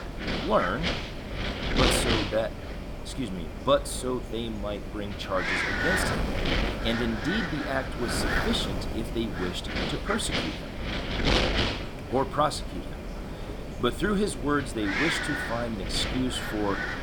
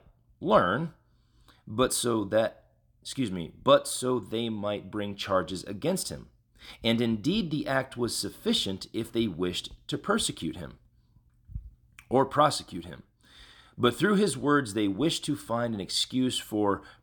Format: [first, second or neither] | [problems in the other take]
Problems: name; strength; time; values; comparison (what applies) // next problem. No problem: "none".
second | wind noise on the microphone; heavy; 1 dB above the speech